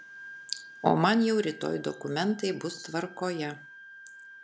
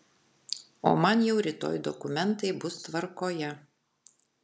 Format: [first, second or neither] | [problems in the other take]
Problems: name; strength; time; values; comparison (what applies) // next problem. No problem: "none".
second | background sound (Wind instrument, woodwind instrument); 19 dB below the speech